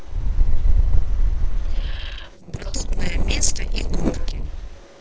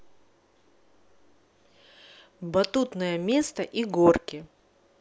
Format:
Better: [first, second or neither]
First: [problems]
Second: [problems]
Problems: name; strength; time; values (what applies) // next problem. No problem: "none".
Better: second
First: noise reduction (neural separator model SepFormer DNS4)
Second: none